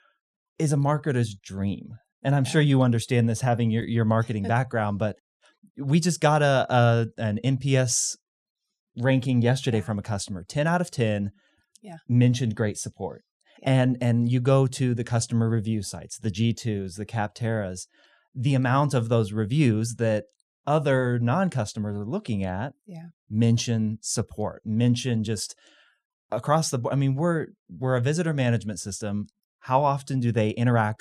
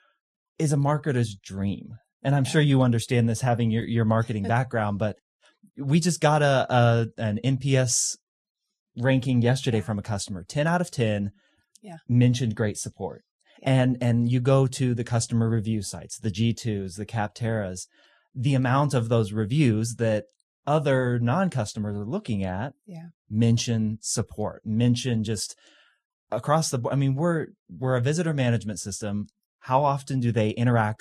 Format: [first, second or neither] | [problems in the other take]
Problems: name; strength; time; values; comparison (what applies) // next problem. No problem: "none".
first | garbled, watery; slightly